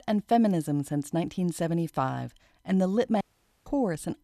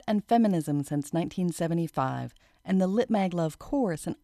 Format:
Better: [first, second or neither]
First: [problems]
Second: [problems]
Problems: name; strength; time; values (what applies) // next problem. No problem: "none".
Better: second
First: audio cutting out; at 3 s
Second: none